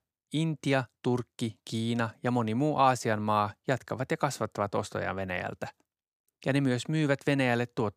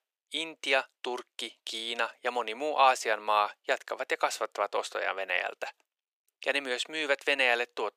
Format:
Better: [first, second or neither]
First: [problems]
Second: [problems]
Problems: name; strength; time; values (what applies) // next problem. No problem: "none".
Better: first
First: none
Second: thin; very; fading below 450 Hz